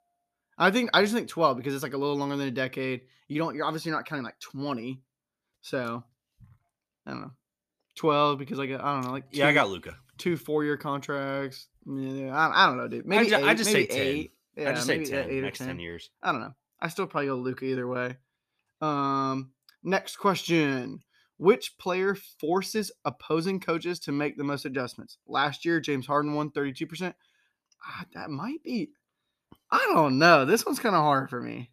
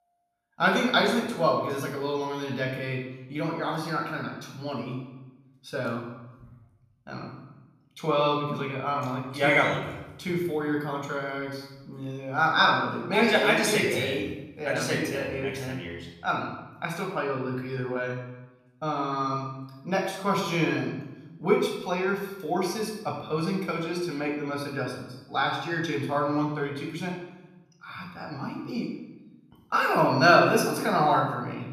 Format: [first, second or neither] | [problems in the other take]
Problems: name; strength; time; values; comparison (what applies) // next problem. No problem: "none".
first | room echo; noticeable; dies away in 0.8 s // off-mic speech; somewhat distant